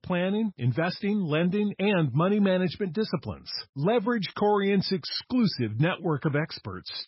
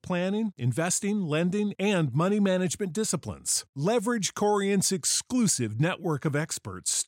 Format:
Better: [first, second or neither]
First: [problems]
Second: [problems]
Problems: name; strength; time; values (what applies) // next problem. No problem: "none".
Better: second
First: garbled, watery; badly; nothing above 5.5 kHz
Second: none